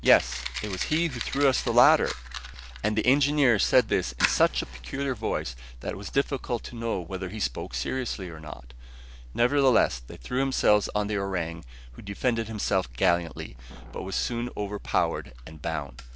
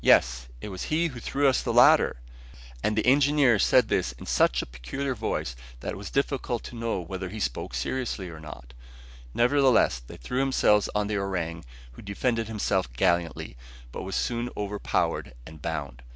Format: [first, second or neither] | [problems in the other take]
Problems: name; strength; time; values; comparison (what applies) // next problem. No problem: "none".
second | background sound (Fire); 15 dB below the speech